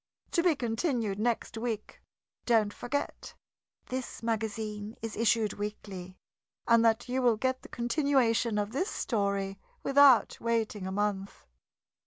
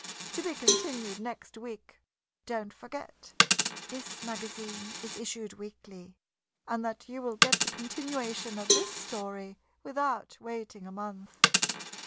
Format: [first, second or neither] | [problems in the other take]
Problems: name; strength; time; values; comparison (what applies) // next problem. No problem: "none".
first | background sound (Coin (dropping) + Cowbell); 5 dB above the speech